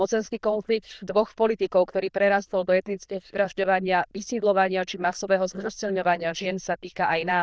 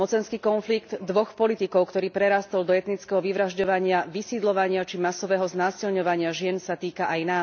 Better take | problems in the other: second | noise reduction (neural diffusion model UNIVERSE++)

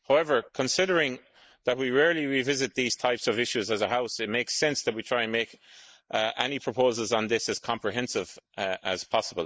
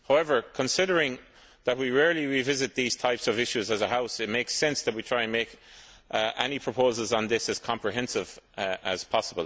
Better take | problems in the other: second | noise reduction (neural mask model Resemble Enhance denoiser)

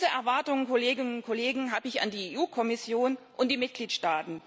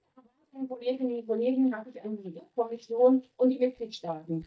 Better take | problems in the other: first | noise reduction (neural mask model DeepFilterNet 3)

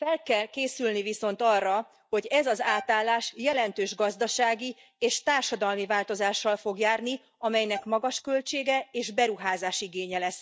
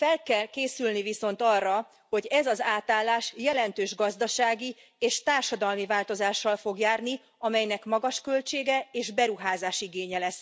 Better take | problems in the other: second | noise reduction (neural mask model DeepFilterNet 3)

